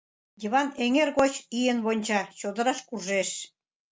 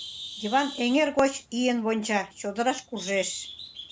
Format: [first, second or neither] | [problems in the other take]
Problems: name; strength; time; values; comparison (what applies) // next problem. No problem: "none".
first | background sound (Bird); 16 dB below the speech